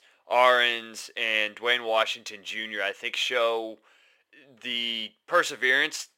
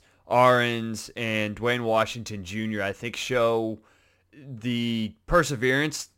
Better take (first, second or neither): second